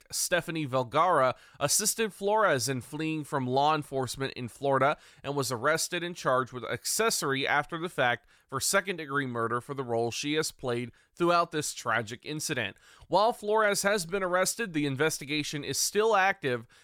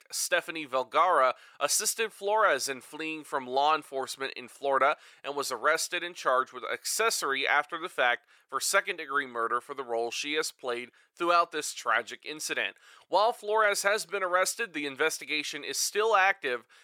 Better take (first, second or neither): first